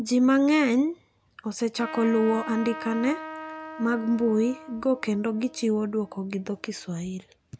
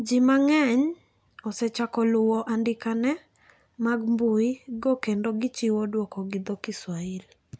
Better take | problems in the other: second | background sound (Trumpet); 16 dB below the speech

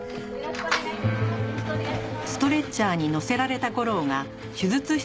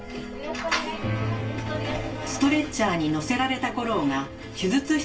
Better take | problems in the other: first | room echo; dies away in 0.2 s

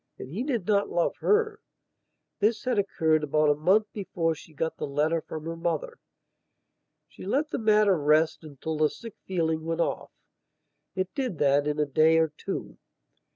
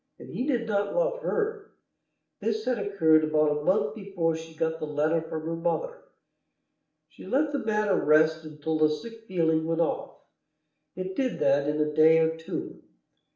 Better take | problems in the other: first | room echo; dies away in 0.5 s

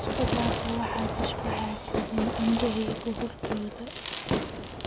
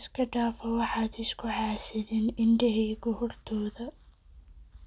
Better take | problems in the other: second | background sound (Fireworks); 1 dB above the speech

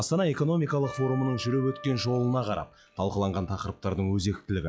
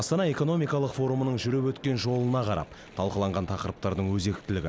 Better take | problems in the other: second | noise reduction (classical method log-MMSE)

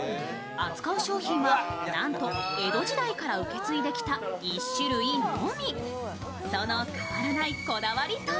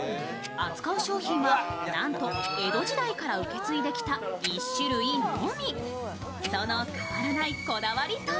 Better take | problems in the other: first | background sound (Tick-tock); 19 dB below the speech

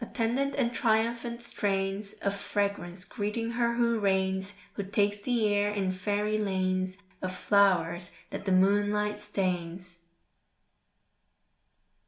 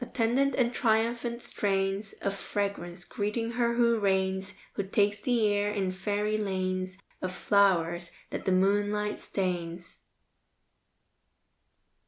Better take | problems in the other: second | room echo; dies away in 0.3 s

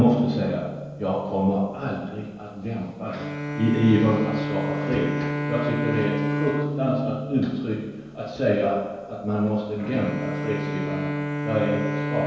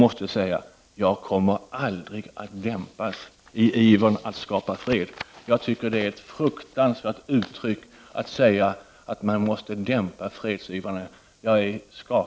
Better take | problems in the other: second | background sound (Bowed string instrument); 4 dB below the speech // room echo; dies away in 1.2 s

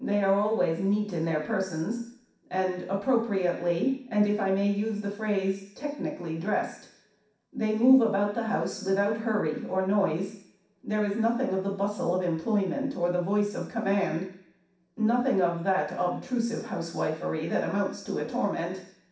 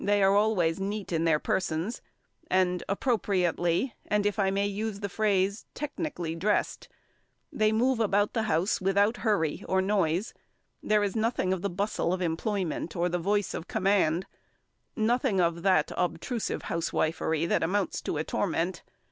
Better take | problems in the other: second | room echo; dies away in 0.6 s

